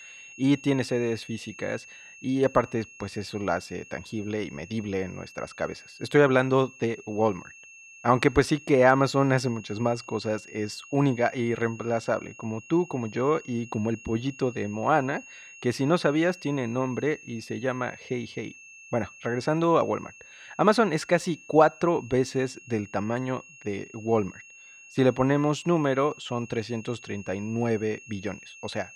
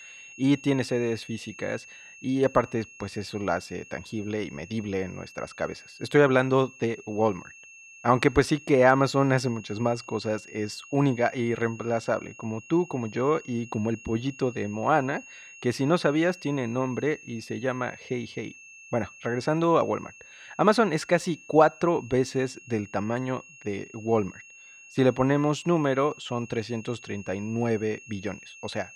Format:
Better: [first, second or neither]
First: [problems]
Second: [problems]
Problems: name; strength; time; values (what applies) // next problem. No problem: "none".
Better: neither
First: high-pitched whine; noticeable; throughout; 2.5 kHz, 20 dB below the speech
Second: high-pitched whine; noticeable; throughout; 2.5 kHz, 20 dB below the speech